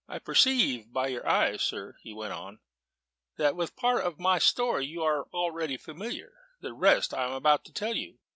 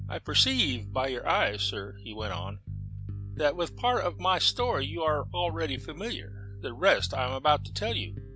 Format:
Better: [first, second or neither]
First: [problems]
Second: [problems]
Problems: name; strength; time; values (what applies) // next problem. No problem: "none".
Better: first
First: none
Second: background sound (Bass guitar); 9 dB below the speech